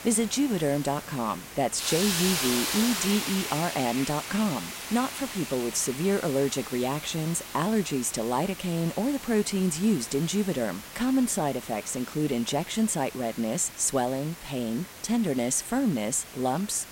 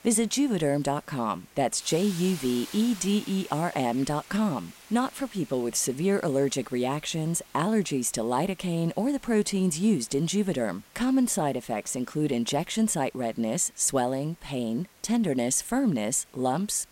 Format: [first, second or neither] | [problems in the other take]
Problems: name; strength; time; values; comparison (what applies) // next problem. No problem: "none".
second | hiss; loud; throughout; 7 dB below the speech; faint in the second